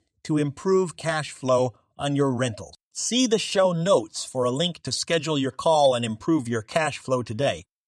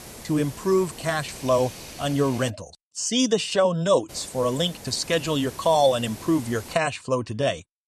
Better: first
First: none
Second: hiss; noticeable; until 2.5 s and from 4 to 6.5 s; 15 dB below the speech

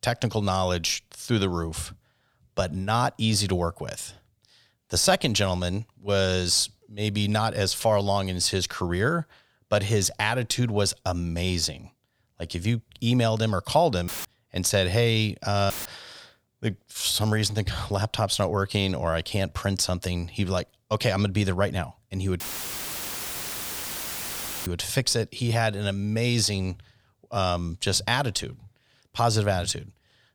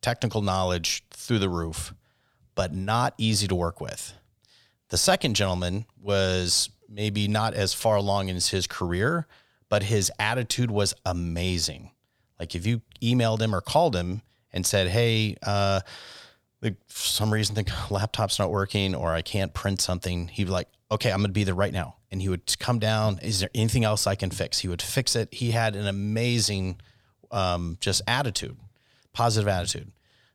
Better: second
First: audio cutting out; filled with static; at 14 s, at 16 s and at 22 s for 2.5 s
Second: none

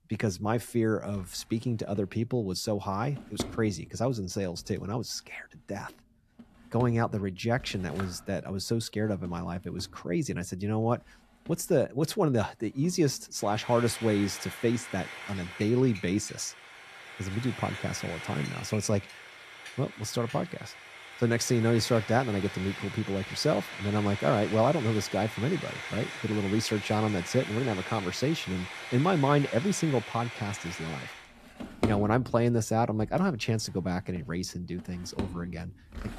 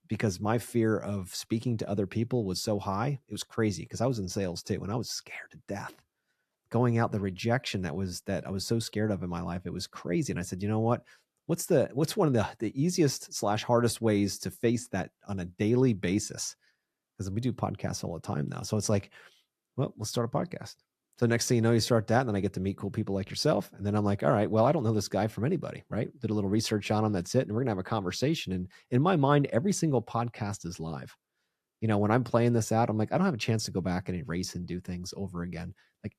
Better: second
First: household noises; noticeable; throughout; 10 dB below the speech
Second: none

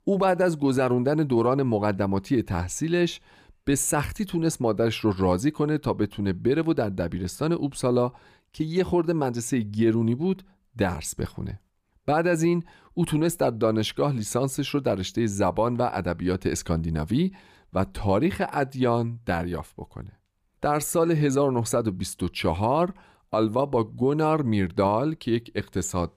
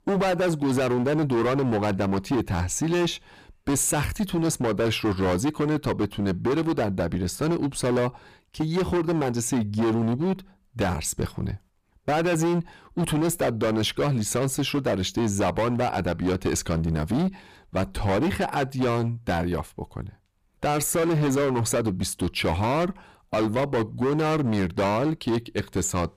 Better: first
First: none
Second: distortion; heavy; 21% of the sound clipped

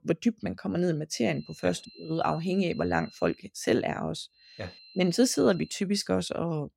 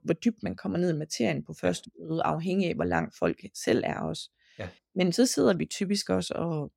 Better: second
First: high-pitched whine; faint; from 1.5 to 3.5 s and from 4.5 to 5.5 s; 4 kHz, 20 dB below the speech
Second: none

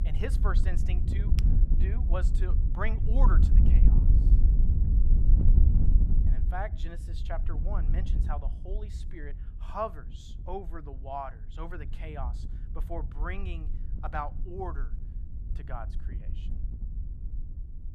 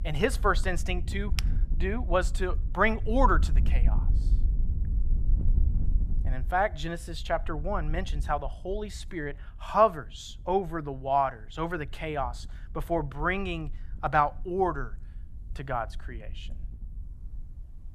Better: second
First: wind noise on the microphone; heavy; 7 dB below the speech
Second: wind noise on the microphone; occasional gusts; 25 dB below the speech

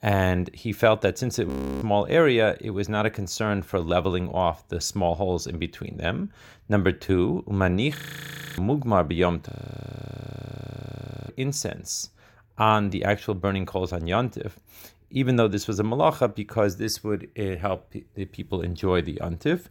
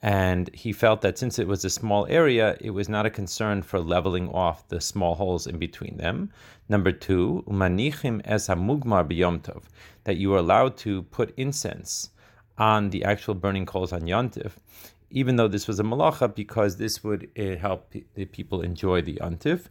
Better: second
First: audio freezing; at 1.5 s, at 8 s for 0.5 s and at 9.5 s for 2 s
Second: none

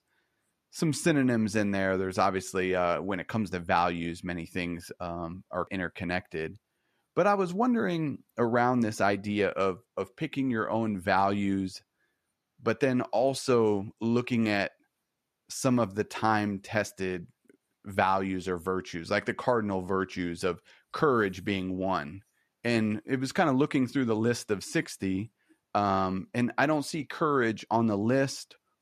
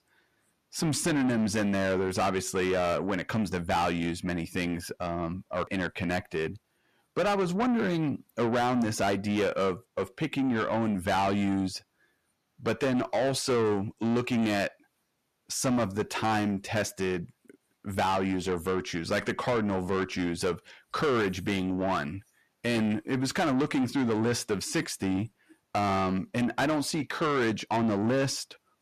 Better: first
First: none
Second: distortion; heavy; 8 dB below the speech

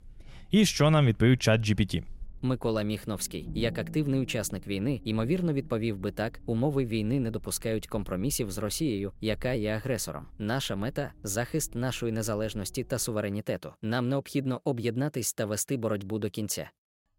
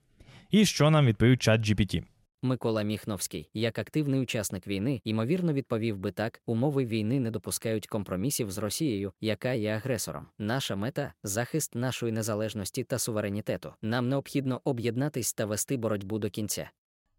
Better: second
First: low rumble; faint; until 13 s; 25 dB below the speech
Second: none

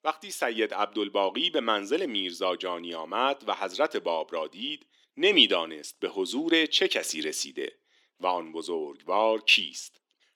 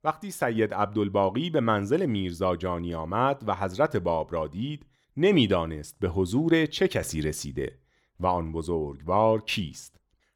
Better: second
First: thin; somewhat; fading below 250 Hz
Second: none

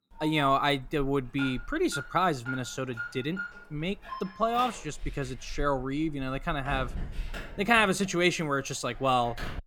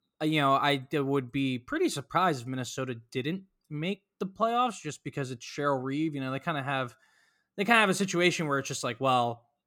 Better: second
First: alarm; noticeable; peak 9 dB below the speech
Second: none

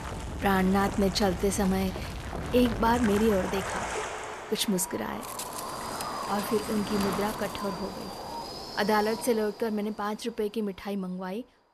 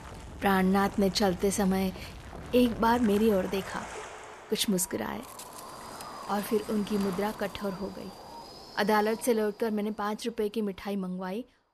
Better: second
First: wind noise on the microphone; heavy; 5 dB below the speech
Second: wind noise on the microphone; occasional gusts; 15 dB below the speech

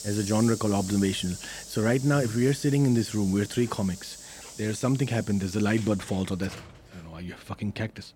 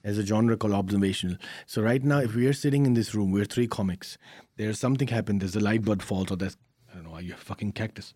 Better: second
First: hiss; noticeable; throughout; 15 dB below the speech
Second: none

